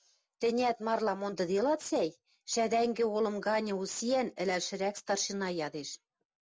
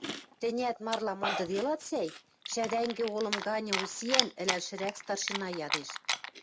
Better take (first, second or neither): first